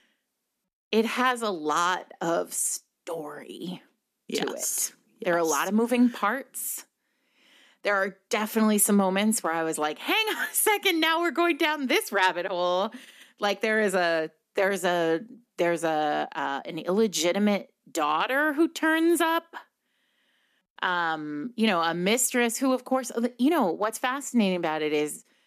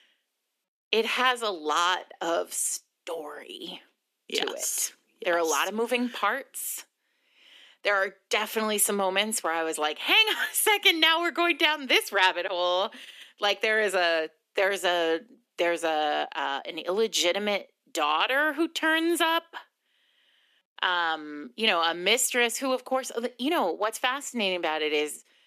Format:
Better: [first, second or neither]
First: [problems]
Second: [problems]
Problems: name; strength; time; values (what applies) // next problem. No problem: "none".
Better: first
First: none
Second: thin; somewhat; fading below 400 Hz